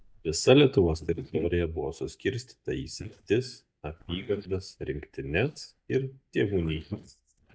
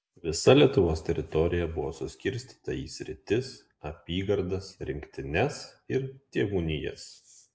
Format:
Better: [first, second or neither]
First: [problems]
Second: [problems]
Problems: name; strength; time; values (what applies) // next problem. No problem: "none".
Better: second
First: noise reduction (neural mask model DeepFilterNet 3)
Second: none